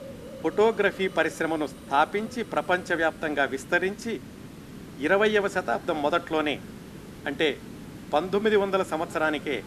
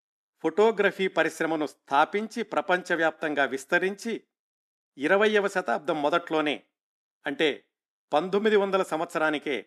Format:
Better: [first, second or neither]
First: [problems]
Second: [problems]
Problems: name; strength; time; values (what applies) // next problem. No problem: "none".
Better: second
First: hiss; noticeable; throughout; 15 dB below the speech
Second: none